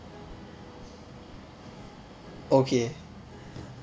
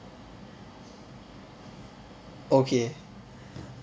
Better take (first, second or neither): second